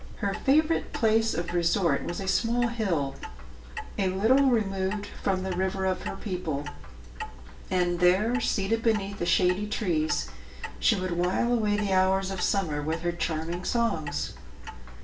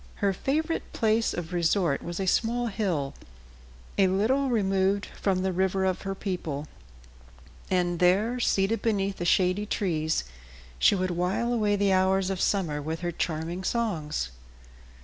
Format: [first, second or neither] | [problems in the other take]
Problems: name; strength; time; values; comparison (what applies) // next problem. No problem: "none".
second | background sound (Clock); 15 dB below the speech // room echo; dies away in 0.3 s